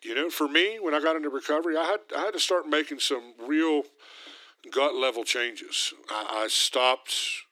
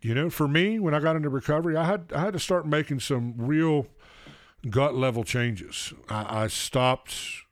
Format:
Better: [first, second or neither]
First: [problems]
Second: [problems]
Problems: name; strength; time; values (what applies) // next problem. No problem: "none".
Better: second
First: thin; somewhat; fading below 300 Hz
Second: none